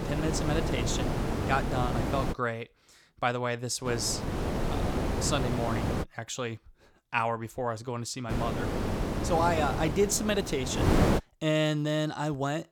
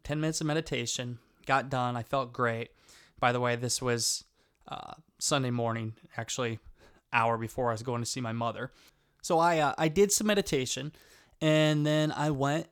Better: second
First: wind noise on the microphone; heavy; until 2.5 s, from 4 to 6 s and from 8.5 to 11 s; 3 dB below the speech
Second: none

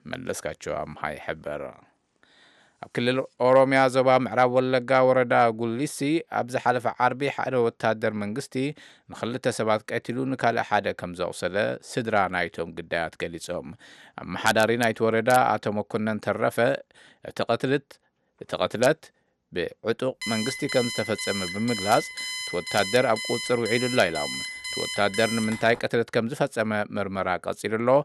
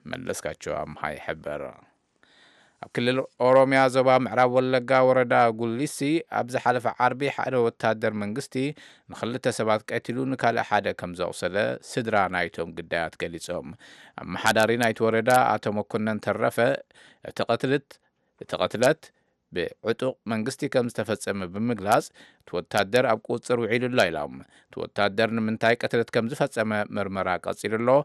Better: second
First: alarm; noticeable; from 20 to 26 s; peak 4 dB below the speech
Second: none

